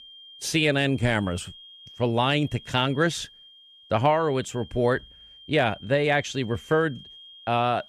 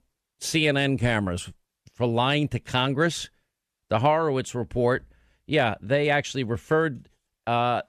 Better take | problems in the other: second | high-pitched whine; faint; throughout; 3 kHz, 20 dB below the speech

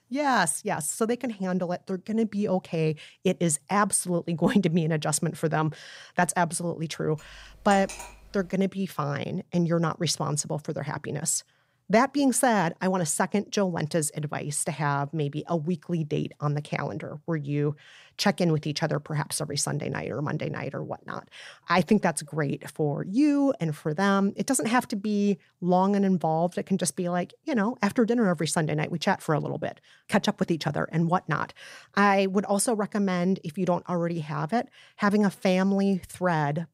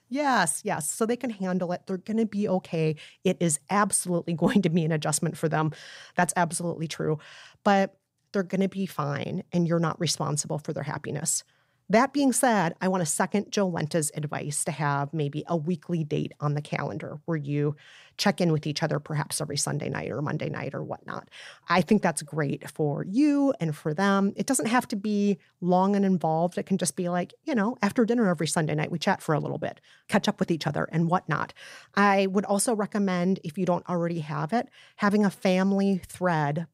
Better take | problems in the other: second | clattering dishes; faint; from 7 to 8.5 s; peak 10 dB below the speech

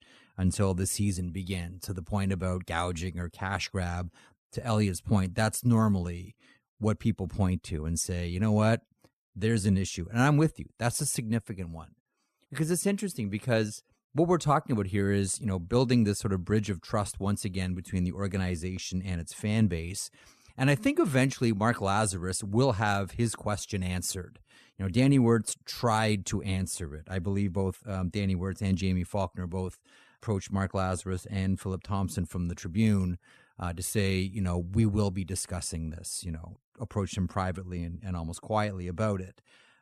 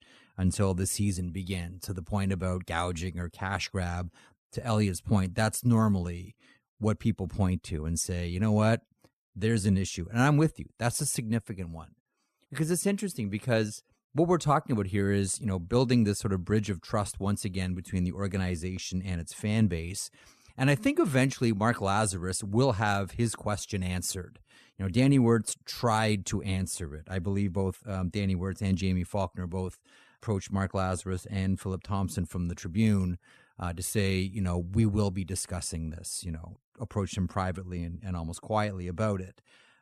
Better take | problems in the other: neither | none

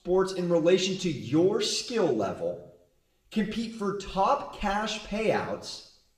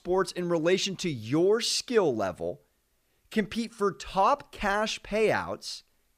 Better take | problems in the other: second | room echo; slight; dies away in 0.7 s // off-mic speech; somewhat distant

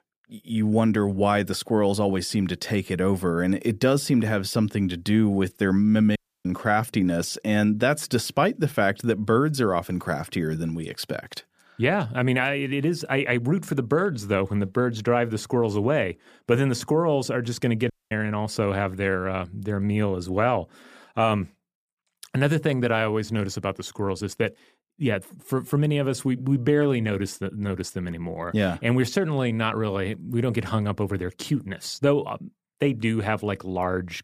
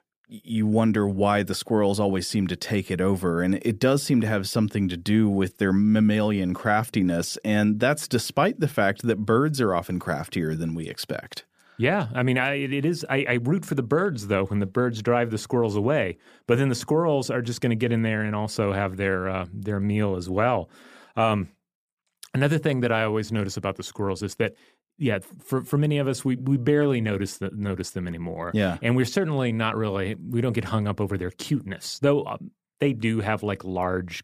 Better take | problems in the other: second | audio cutting out; at 6 s and at 18 s

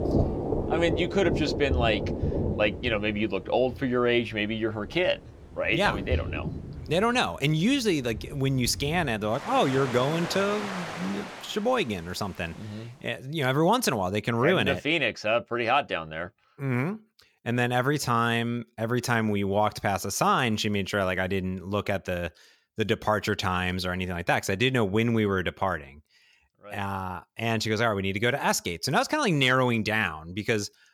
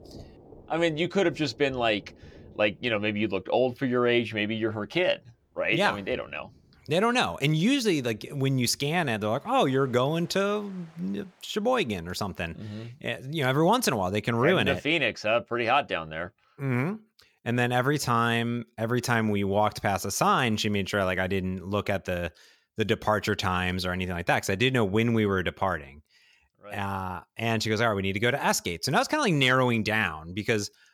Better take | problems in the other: second | rain or running water; loud; until 13 s; 6 dB below the speech; faint in the second

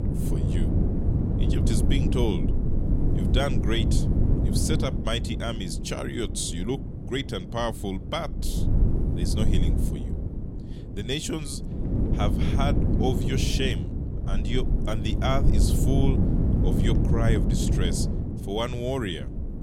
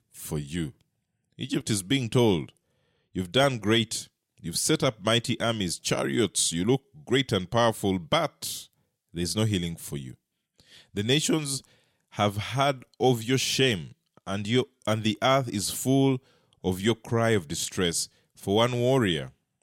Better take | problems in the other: second | wind noise on the microphone; heavy; 4 dB below the speech

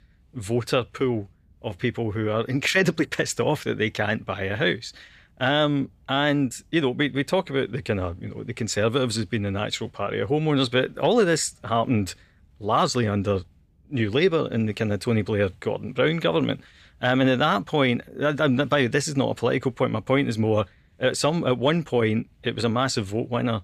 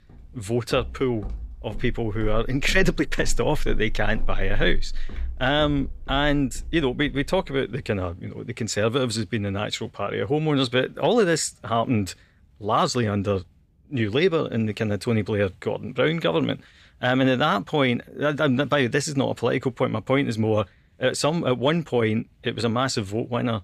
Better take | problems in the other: first | footsteps; noticeable; from 0.5 to 7.5 s; peak 8 dB below the speech

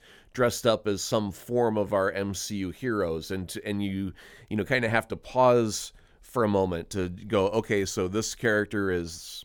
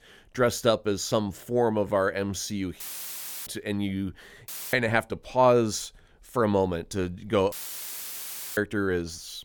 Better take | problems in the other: first | audio cutting out; filled with static; at 3 s for 0.5 s, at 4.5 s and at 7.5 s for 1 s

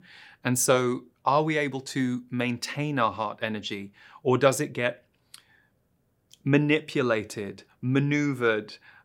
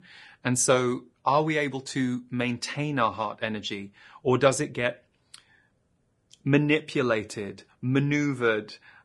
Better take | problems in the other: first | garbled, watery; slightly; nothing above 10.5 kHz

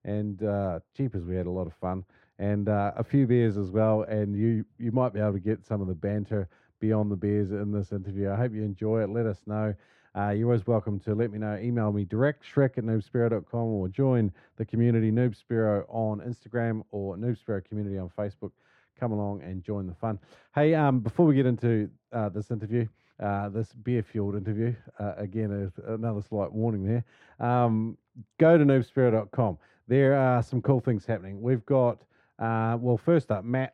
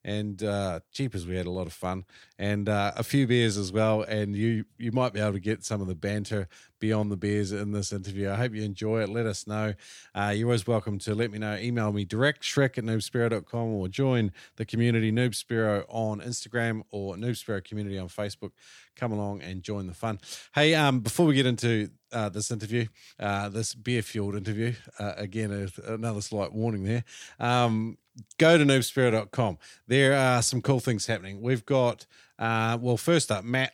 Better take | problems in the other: second | muffled; very; fading above 2.5 kHz

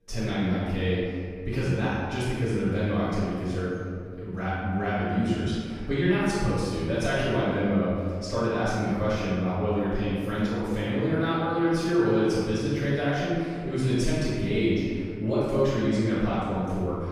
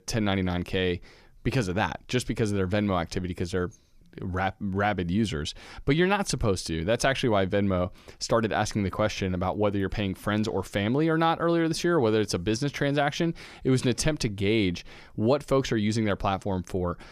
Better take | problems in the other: second | room echo; strong; dies away in 1.9 s // off-mic speech; far

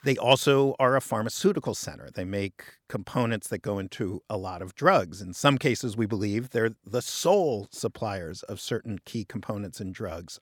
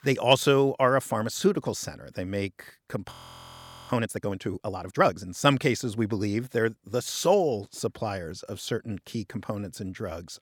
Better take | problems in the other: first | audio freezing; at 3 s for 1 s

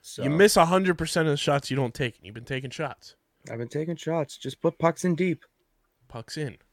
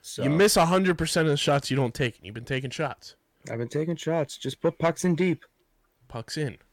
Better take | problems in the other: first | distortion; slight; 10 dB below the speech

